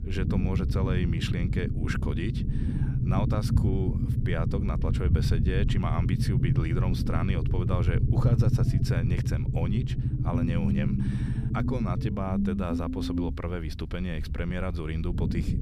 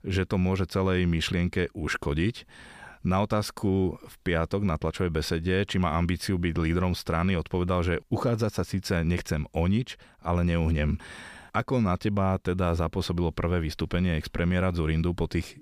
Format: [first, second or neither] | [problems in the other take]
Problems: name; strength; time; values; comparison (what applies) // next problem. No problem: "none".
second | low rumble; loud; throughout; 2 dB below the speech